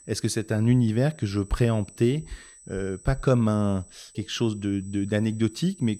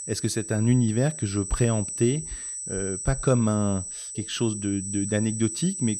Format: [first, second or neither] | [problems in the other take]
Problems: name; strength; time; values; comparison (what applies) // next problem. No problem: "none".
first | high-pitched whine; loud; throughout; 8 kHz, 7 dB below the speech; faint in the first